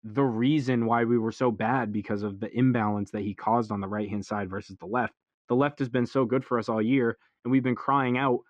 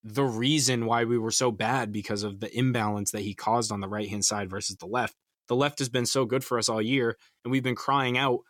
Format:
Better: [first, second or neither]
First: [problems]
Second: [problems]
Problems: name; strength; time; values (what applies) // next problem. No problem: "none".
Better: second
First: muffled; very; fading above 1.5 kHz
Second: none